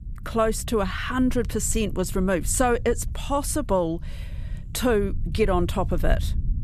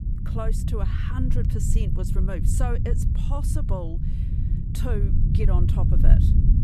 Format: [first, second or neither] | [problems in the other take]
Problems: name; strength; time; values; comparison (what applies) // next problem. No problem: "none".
first | low rumble; loud; throughout; 2 dB below the speech; faint in the first